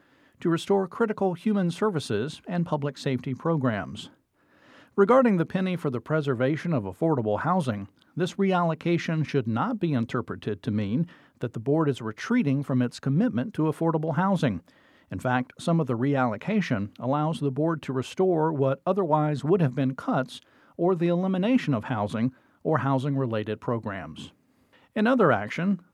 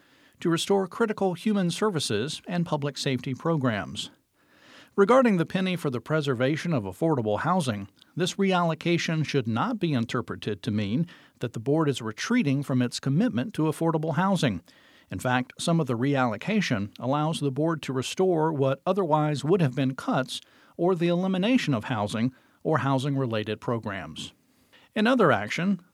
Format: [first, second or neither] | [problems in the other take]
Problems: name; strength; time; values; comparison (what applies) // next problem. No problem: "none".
second | muffled; slightly; fading above 2.5 kHz